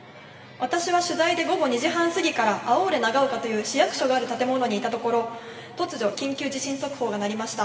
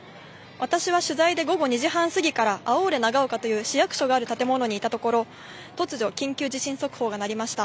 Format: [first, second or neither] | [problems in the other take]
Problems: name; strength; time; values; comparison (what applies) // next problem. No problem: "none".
second | room echo; dies away in 2 s